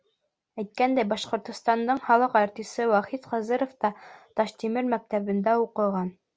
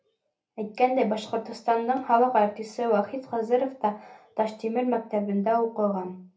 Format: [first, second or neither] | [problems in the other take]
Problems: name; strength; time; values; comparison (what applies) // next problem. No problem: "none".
first | room echo; dies away in 0.3 s